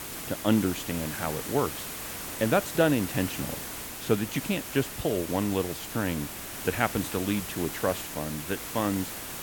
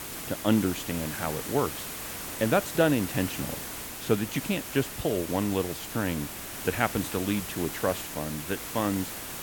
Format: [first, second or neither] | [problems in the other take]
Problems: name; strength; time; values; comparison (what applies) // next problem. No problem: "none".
neither | hiss; loud; throughout; 6 dB below the speech; the same in both